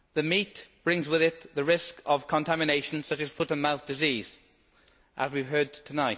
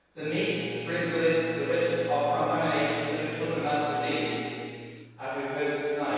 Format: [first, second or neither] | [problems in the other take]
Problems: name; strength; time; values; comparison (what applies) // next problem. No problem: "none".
first | background sound (Bowed string instrument); 14 dB below the speech // room echo; dies away in 2.2 s